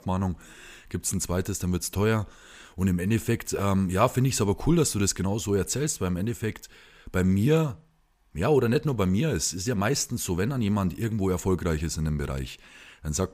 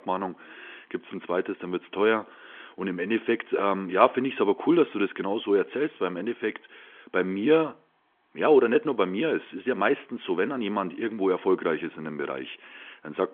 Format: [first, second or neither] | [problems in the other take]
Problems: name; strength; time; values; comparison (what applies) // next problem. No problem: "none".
first | phone-call audio; nothing above 3.5 kHz